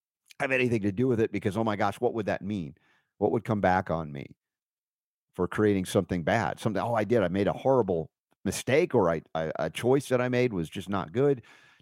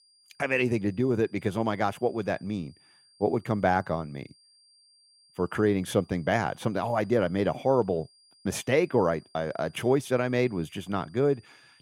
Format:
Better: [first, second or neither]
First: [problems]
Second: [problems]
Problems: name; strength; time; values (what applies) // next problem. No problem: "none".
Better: first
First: none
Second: high-pitched whine; faint; throughout; 5 kHz, 30 dB below the speech